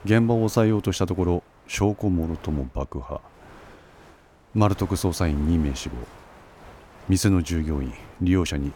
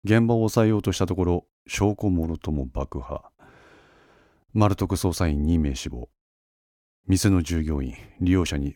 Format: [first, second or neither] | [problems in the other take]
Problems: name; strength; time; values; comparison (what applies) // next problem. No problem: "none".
second | wind noise on the microphone; occasional gusts; 20 dB below the speech